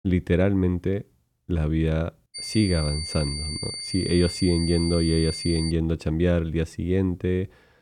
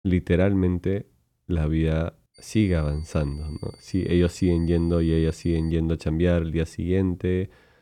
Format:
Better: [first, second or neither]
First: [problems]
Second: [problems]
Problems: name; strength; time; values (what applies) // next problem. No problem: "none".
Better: second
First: high-pitched whine; loud; from 2.5 to 5.5 s; 4.5 kHz, 6 dB below the speech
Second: high-pitched whine; faint; from 2.5 to 5.5 s; 4.5 kHz, 25 dB below the speech